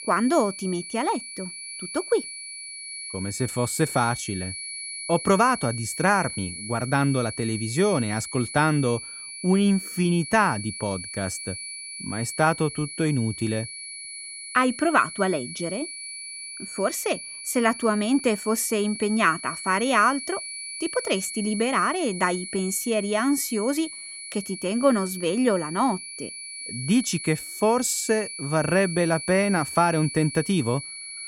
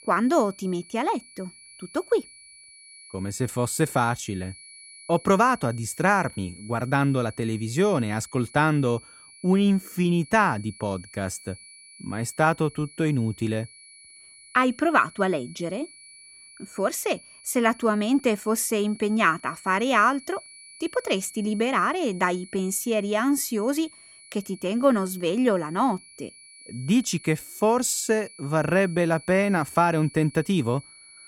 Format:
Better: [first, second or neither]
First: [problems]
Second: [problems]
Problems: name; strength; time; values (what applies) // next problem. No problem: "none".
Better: second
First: high-pitched whine; loud; throughout; 10.5 kHz, 9 dB below the speech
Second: high-pitched whine; faint; throughout; 10.5 kHz, 20 dB below the speech